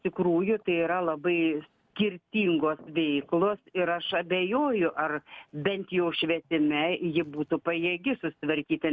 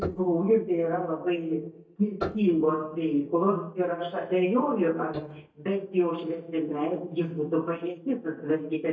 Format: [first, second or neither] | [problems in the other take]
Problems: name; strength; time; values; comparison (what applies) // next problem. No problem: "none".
first | noise reduction (neural mask model DeepFilterNet 3)